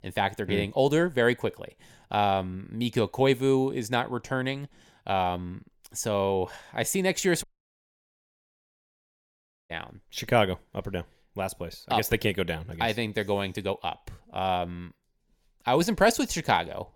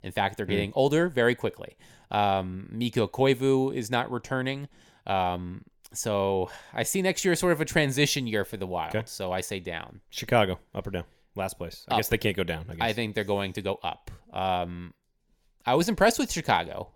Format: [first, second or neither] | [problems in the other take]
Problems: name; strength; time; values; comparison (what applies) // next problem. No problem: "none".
second | audio cutting out; at 7.5 s for 2 s